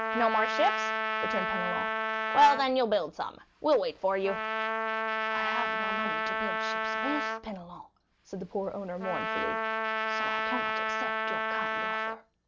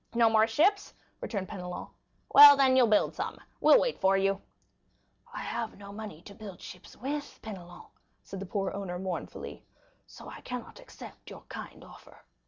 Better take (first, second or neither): second